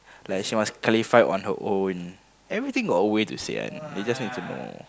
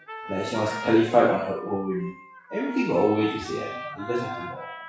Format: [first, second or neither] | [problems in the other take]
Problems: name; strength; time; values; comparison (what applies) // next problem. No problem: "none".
first | noise reduction (classical method WPE with log-MMSE)